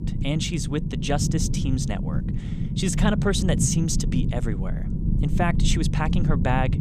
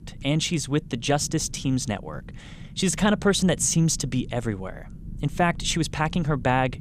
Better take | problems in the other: second | low rumble; loud; throughout; 7 dB below the speech; faint in the second

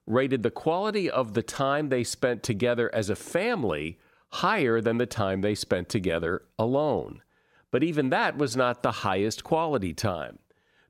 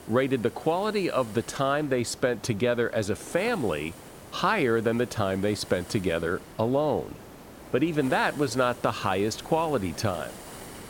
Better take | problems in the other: first | hiss; noticeable; throughout; 15 dB below the speech

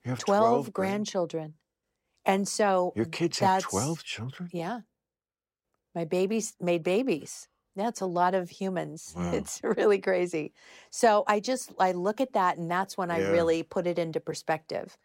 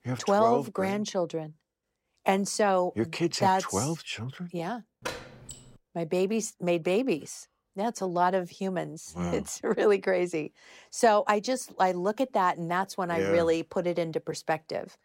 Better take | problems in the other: first | door banging; noticeable; at 5 s; peak 10 dB below the speech

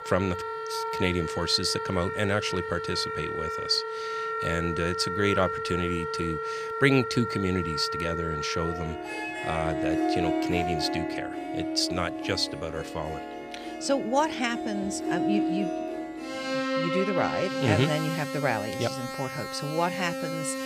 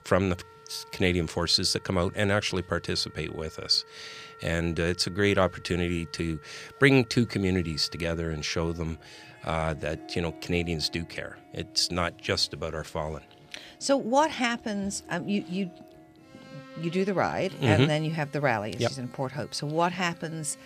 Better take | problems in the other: second | background music; loud; throughout; 2 dB below the speech; faint in the second

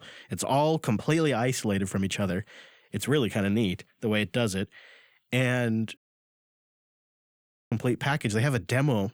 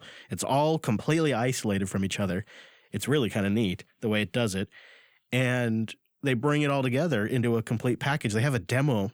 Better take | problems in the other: second | audio cutting out; at 6 s for 2 s

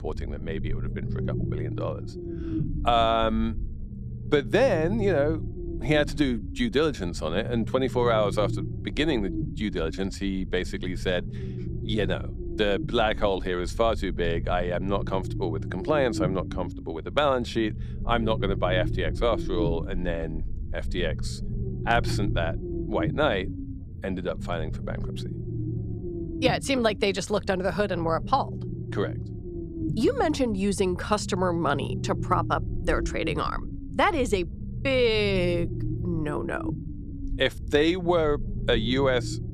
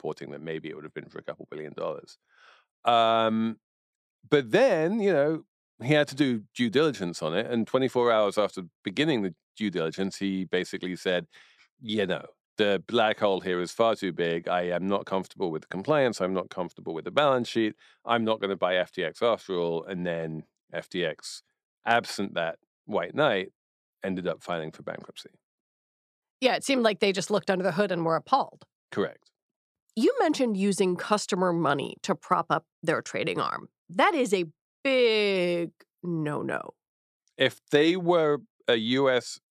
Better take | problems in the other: second | low rumble; noticeable; throughout; 15 dB below the speech

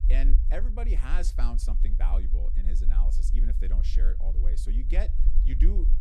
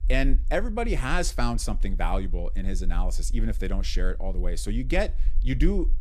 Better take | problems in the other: second | low rumble; loud; throughout; 9 dB below the speech; faint in the second

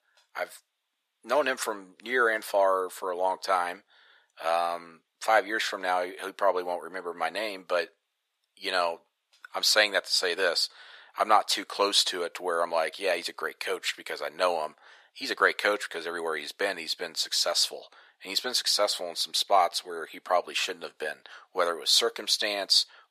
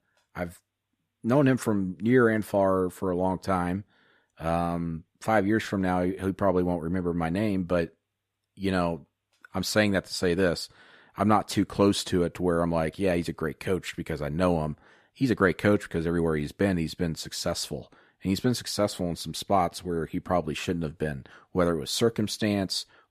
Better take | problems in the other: second | thin; very; fading below 600 Hz

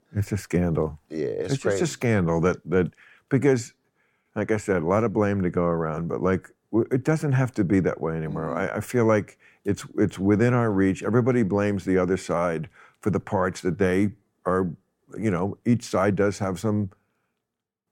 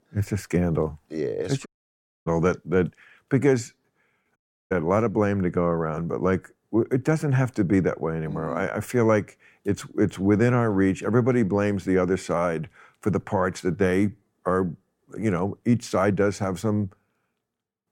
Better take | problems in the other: first | audio cutting out; at 1.5 s for 0.5 s and at 4.5 s

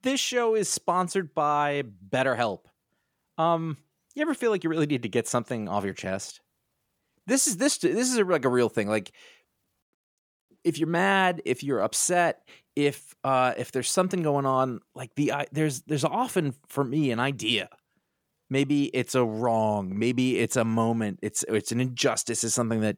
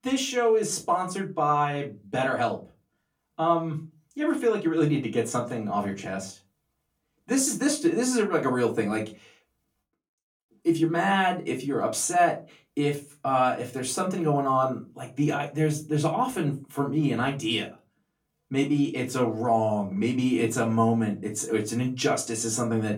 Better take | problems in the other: first | off-mic speech; far // room echo; very slight; dies away in 0.2 s

